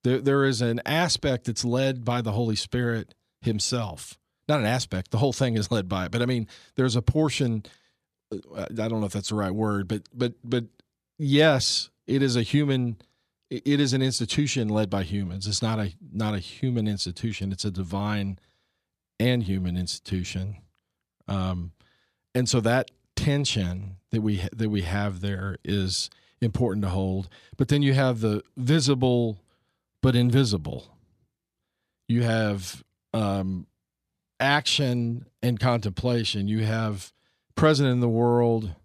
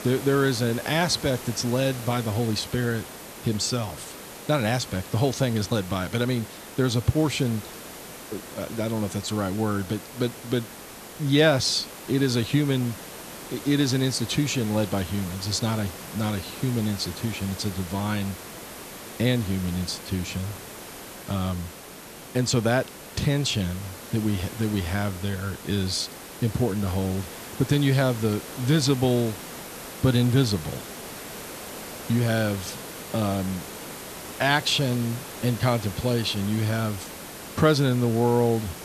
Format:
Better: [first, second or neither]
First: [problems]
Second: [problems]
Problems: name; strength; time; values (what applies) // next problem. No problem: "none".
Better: first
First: none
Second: hiss; noticeable; throughout; 10 dB below the speech